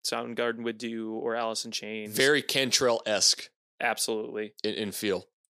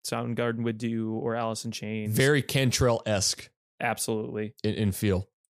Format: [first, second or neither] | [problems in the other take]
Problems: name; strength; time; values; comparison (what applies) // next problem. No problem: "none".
second | thin; somewhat; fading below 350 Hz